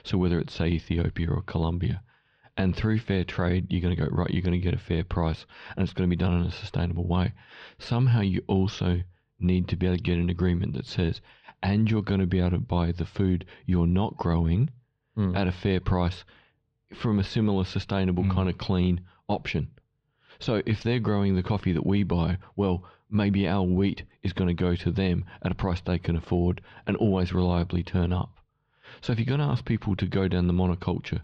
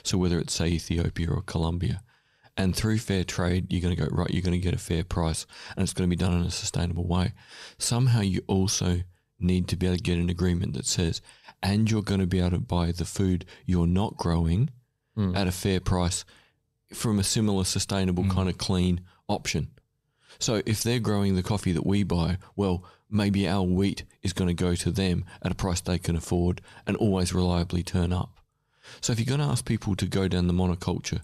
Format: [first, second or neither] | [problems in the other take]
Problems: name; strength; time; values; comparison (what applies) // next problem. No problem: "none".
second | muffled; slightly; fading above 3.5 kHz